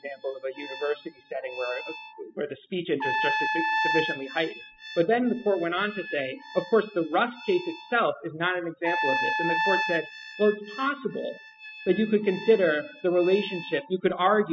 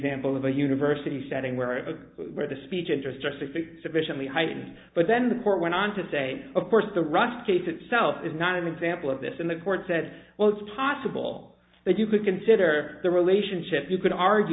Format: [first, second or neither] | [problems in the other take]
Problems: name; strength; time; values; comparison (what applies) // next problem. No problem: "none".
second | noise reduction (classical method spectral subtraction)